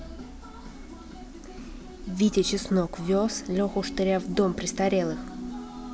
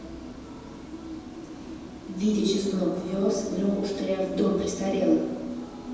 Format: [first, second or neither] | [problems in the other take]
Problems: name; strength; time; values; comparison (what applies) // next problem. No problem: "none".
first | background sound (Ocean); 18 dB below the speech // room echo; dies away in 1.1 s